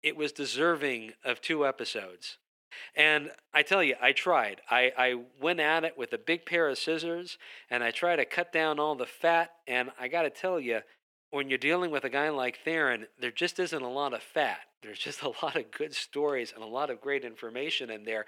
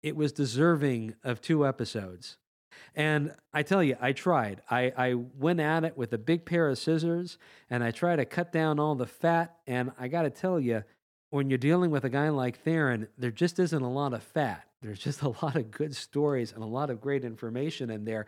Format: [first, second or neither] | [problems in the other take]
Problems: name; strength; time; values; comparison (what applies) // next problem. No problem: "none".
second | thin; somewhat; fading below 500 Hz